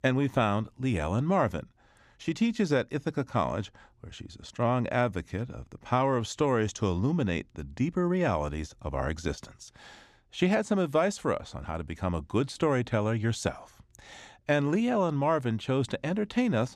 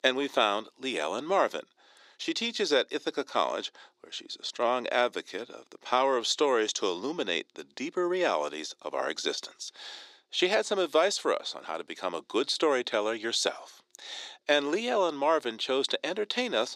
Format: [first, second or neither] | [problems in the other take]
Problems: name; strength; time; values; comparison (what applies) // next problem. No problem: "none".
first | thin; somewhat; fading below 350 Hz